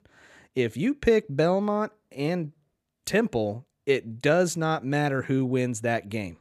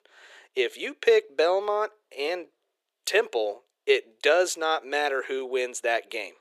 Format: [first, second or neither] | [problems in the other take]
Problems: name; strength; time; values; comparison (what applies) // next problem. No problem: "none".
first | thin; very; fading below 400 Hz